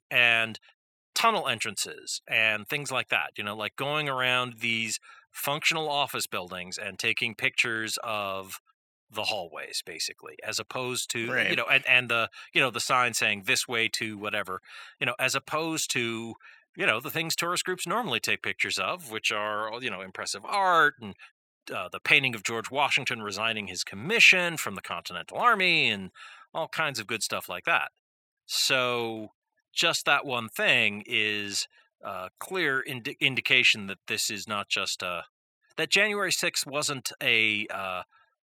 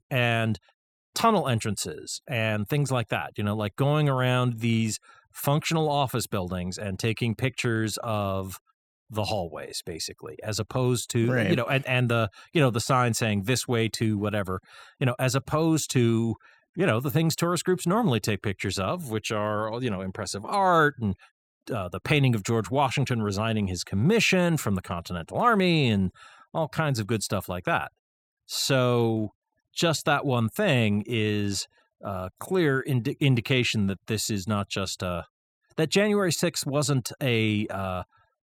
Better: second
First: thin; somewhat; fading below 850 Hz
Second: none

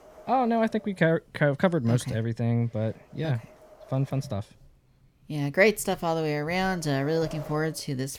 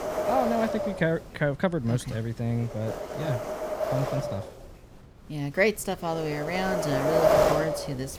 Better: first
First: wind noise on the microphone; occasional gusts; 20 dB below the speech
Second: wind noise on the microphone; heavy; 3 dB above the speech

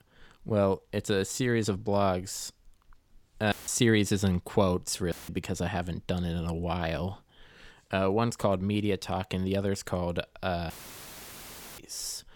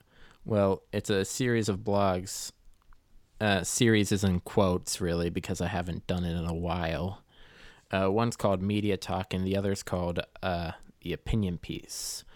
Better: second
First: audio cutting out; filled with static; at 3.5 s, at 5 s and at 11 s for 1 s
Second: none

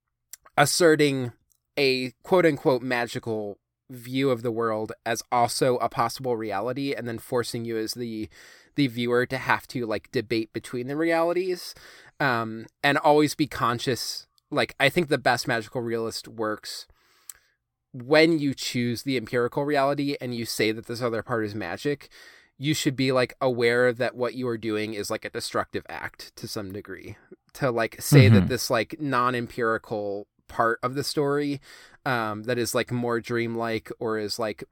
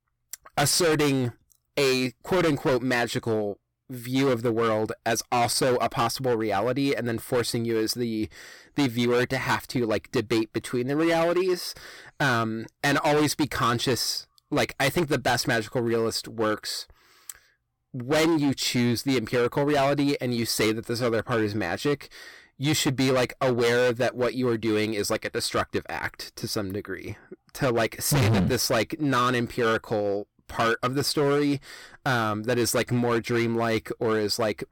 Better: first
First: none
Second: distortion; heavy; 14% of the sound clipped

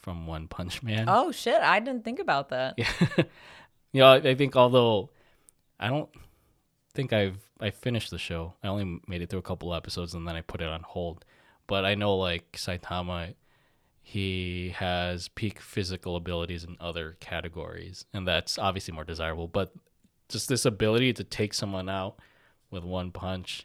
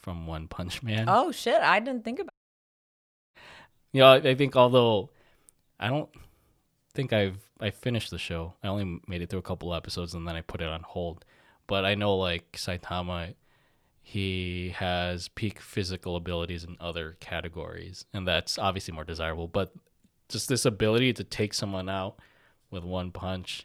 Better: first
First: none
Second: audio cutting out; at 2.5 s for 1 s

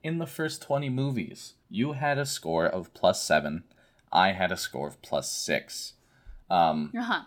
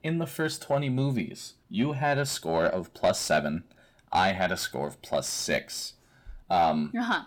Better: first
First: none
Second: distortion; slight; 10 dB below the speech

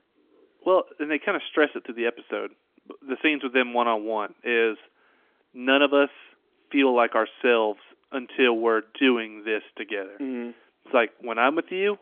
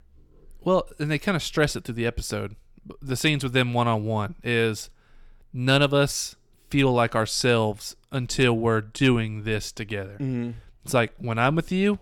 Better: second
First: phone-call audio; nothing above 3.5 kHz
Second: none

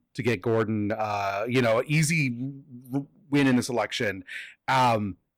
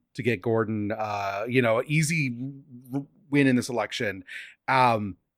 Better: second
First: distortion; slight; 4% of the sound clipped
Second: none

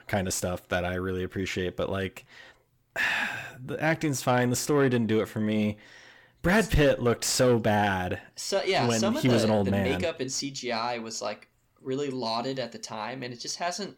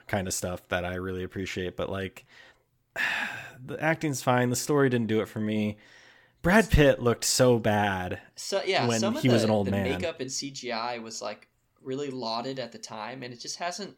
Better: second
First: distortion; slight; 10 dB below the speech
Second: none

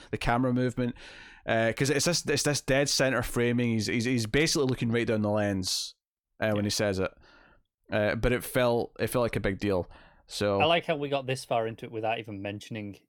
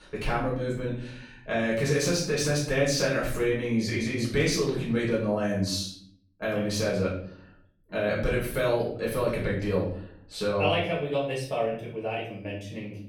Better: first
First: none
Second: off-mic speech; far // room echo; noticeable; dies away in 0.6 s

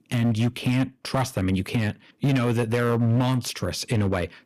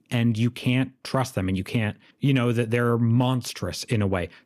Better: second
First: distortion; slight; 9% of the sound clipped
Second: none

